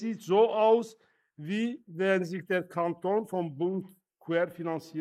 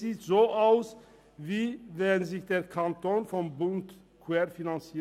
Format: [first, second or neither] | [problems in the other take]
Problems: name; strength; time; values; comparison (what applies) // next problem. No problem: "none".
second | noise reduction (neural mask model Resemble Enhance denoiser)